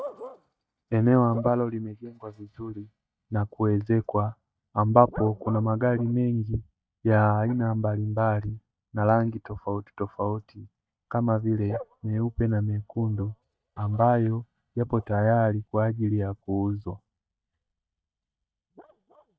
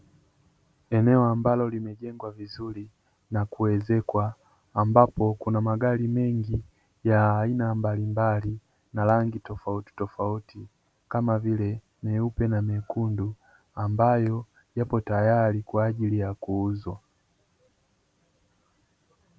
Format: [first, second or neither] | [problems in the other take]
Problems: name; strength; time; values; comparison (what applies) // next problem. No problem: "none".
second | noise reduction (neural mask model DeepFilterNet 3)